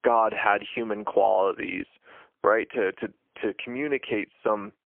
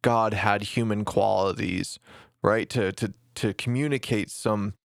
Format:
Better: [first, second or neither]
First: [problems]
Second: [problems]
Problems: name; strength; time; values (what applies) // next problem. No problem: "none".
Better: second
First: phone-call audio; poor line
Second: none